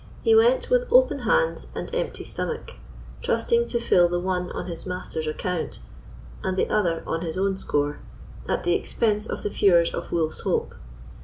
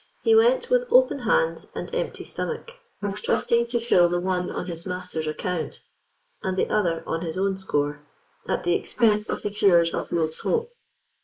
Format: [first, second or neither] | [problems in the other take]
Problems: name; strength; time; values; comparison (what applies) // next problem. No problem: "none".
first | noise reduction (neural mask model Resemble Enhance denoiser)